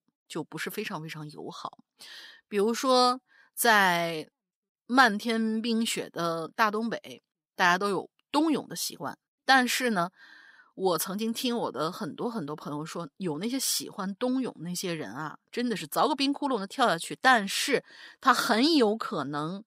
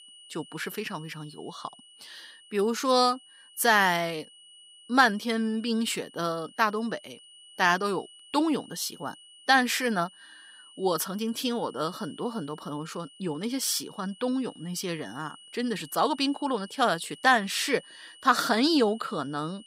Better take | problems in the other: first | high-pitched whine; faint; throughout; 3 kHz, 25 dB below the speech

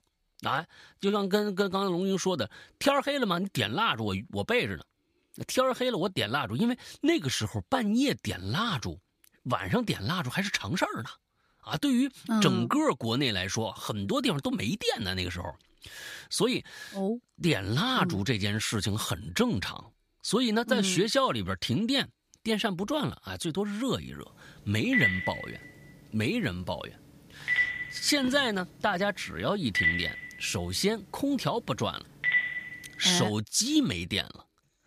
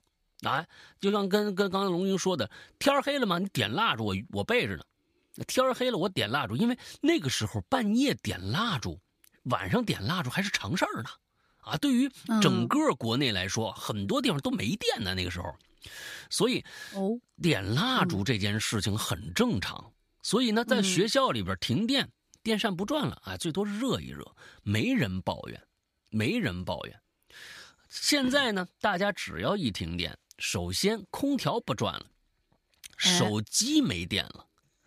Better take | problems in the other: second | phone ringing; loud; from 25 to 33 s; peak 4 dB above the speech

